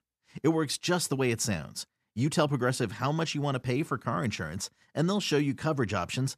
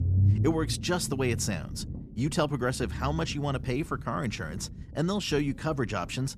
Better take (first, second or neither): first